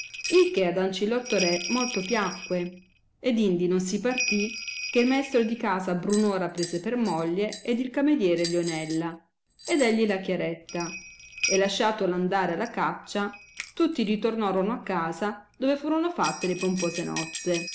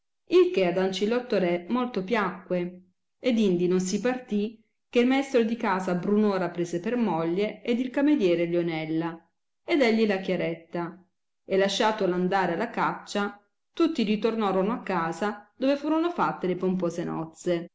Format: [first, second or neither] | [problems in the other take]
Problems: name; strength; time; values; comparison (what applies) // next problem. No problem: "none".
second | background sound (Bell); 11 dB below the speech